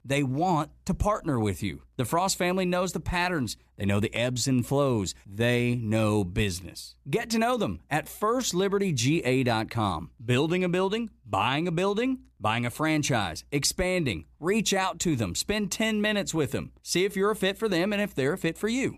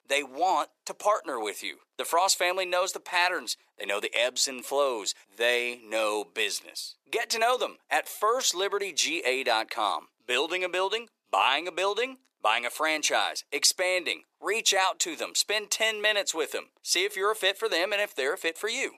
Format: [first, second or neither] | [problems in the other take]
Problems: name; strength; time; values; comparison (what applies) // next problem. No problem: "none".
first | thin; very; fading below 450 Hz